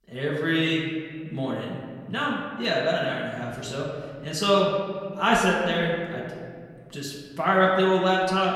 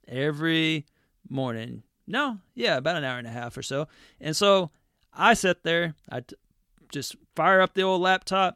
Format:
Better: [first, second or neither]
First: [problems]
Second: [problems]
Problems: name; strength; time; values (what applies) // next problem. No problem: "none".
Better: second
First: off-mic speech; far // room echo; noticeable; dies away in 1.8 s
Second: none